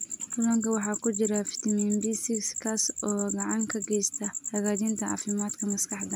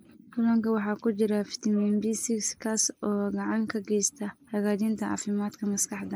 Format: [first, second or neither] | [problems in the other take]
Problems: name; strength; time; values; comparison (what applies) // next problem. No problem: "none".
first | noise reduction (neural mask model Resemble Enhance denoiser)